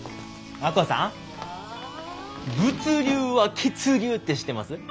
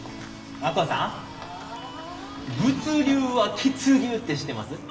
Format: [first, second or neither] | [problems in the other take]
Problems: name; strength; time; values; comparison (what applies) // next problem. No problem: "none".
first | background sound (Walk, footsteps); 20 dB below the speech // room echo; dies away in 1 s